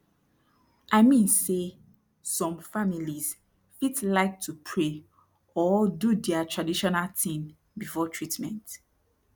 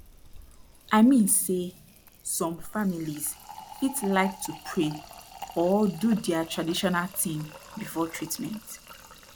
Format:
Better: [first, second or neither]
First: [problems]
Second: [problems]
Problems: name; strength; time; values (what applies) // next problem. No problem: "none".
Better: first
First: none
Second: background sound (Fill (with liquid)); 17 dB below the speech